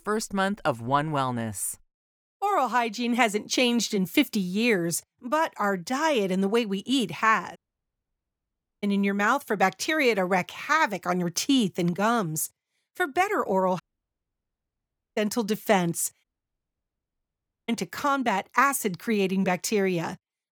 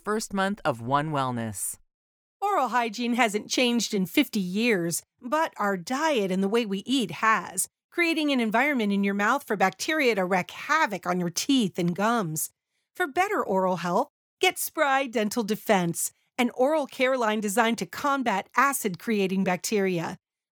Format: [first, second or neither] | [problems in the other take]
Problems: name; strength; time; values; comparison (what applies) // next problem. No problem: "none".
second | audio cutting out; at 7.5 s for 1.5 s, at 14 s for 1.5 s and at 16 s for 1.5 s